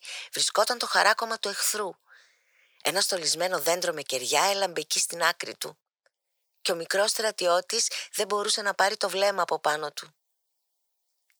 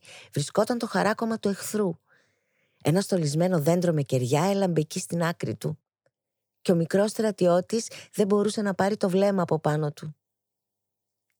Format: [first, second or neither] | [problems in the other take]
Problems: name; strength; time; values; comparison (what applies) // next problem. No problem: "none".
second | thin; very; fading below 950 Hz